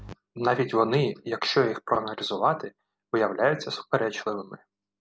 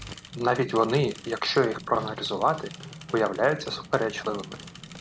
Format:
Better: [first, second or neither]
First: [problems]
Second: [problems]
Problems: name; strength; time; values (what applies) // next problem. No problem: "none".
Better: first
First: none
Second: background sound (Mechanisms / Bicycle + Run); 15 dB below the speech